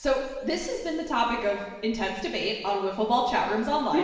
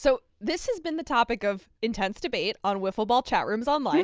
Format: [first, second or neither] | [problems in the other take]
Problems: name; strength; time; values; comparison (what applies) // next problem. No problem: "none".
second | room echo; dies away in 1.2 s